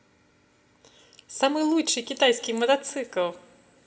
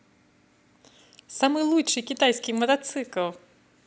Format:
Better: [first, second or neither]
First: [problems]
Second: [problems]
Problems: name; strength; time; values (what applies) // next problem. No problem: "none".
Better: second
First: room echo; dies away in 0.5 s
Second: none